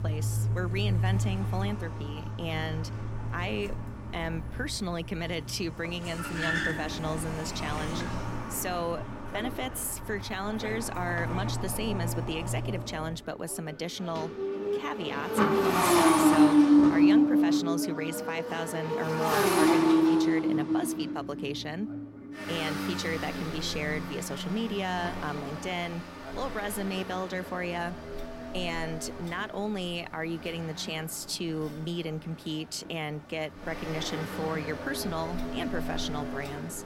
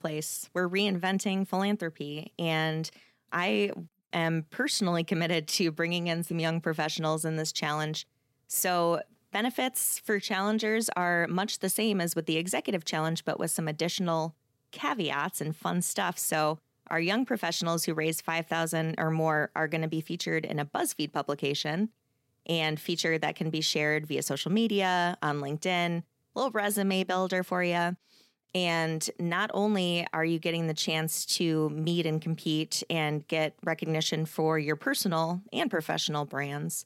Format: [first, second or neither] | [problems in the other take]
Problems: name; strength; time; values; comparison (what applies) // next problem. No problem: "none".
second | traffic noise; very loud; throughout; 5 dB above the speech